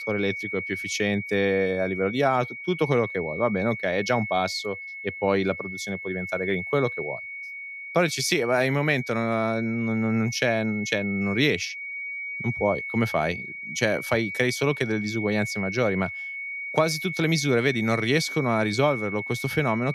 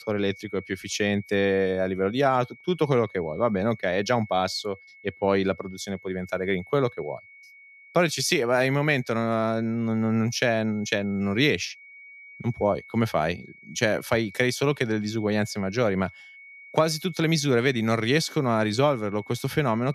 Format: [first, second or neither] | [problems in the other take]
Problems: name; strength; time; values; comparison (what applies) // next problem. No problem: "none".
second | high-pitched whine; loud; throughout; 2 kHz, 7 dB below the speech; faint in the second